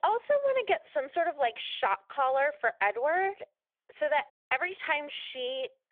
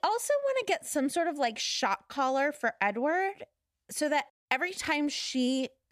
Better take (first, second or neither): second